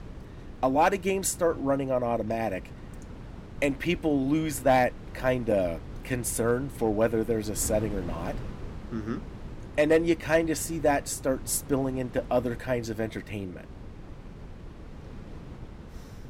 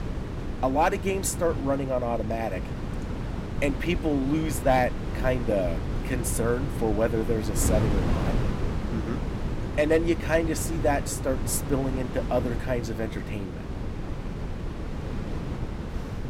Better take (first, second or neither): first